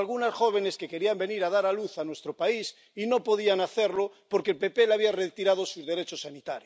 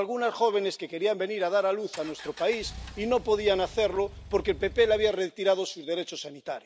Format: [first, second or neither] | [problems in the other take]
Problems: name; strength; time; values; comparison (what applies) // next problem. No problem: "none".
first | background sound (Engine); 16 dB below the speech